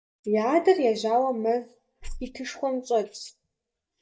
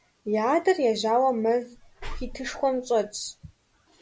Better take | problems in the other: second | noise reduction (neural mask model DeepFilterNet 3)

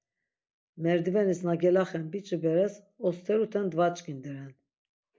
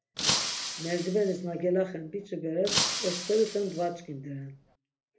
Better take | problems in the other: first | background sound (Shatter); 3 dB below the speech // room echo; dies away in 0.3 s

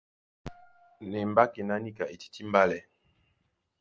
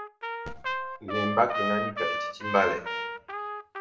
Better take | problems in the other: first | background sound (Trumpet); 2 dB below the speech // room echo; dies away in 0.6 s

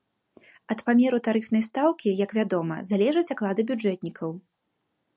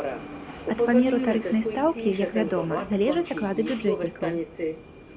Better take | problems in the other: first | background sound (Subway, metro, underground); 3 dB below the speech

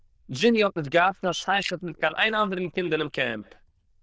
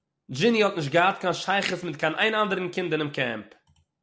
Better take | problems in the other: second | noise reduction (neural diffusion model UNIVERSE++)

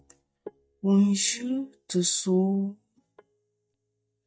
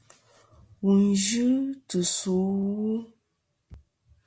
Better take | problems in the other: second | noise reduction (neural mask model DeepFilterNet 3)

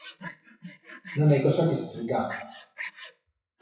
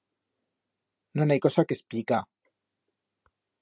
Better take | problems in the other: second | noise reduction (classical method WPE with log-MMSE)

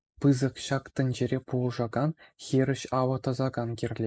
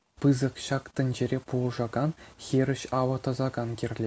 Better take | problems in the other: second | noise reduction (neural mask model Resemble Enhance denoiser)

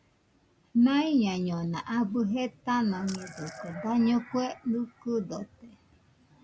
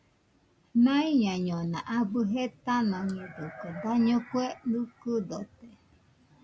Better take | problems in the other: second | background sound (Splash, splatter); 19 dB below the speech

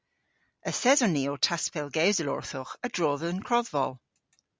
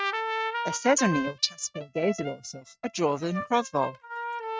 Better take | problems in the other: first | noise reduction (neural mask model RNNoise)

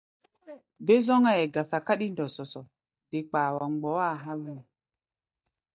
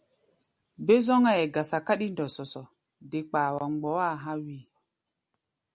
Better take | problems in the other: second | noise reduction (neural mask model DeepFilterNet 3)

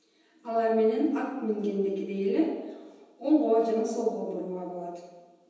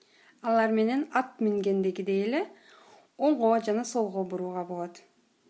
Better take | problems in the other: second | room echo; dies away in 1.1 s

